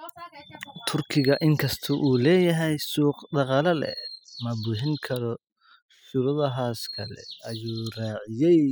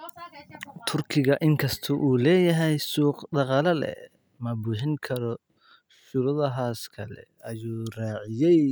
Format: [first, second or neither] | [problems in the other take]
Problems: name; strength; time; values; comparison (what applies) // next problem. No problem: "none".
second | noise reduction (classical method spectral subtraction)